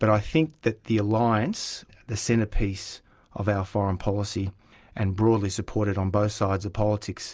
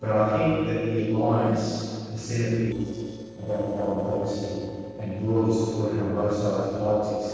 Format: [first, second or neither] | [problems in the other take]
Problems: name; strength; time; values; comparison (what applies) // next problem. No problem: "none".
first | noise reduction (neural separator model SepFormer DNS4)